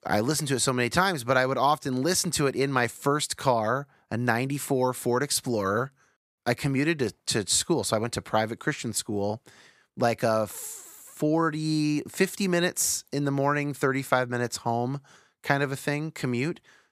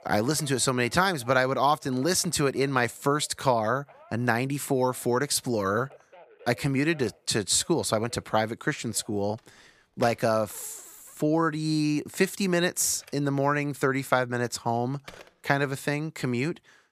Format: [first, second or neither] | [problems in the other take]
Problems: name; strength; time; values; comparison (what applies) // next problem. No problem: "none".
first | alarms or sirens; faint; throughout; 25 dB below the speech